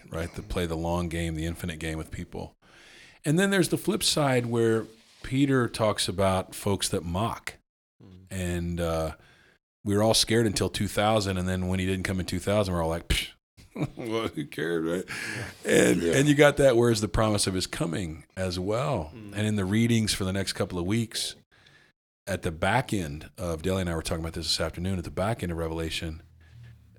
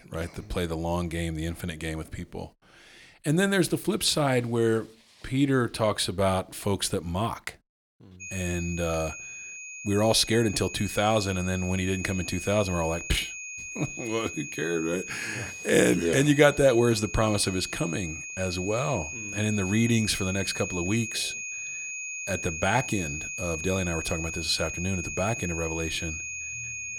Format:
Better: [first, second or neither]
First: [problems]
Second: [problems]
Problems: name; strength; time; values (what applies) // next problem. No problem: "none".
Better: first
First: none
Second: high-pitched whine; loud; from 8 s on; 2.5 kHz, 7 dB below the speech